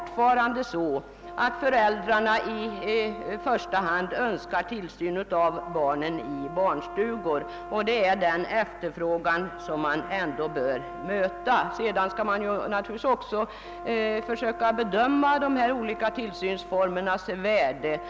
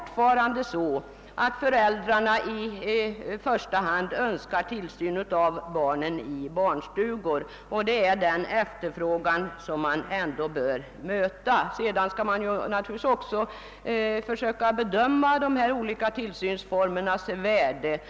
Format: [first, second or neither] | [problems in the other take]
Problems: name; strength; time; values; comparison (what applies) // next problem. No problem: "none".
second | background sound (Brass instrument); 13 dB below the speech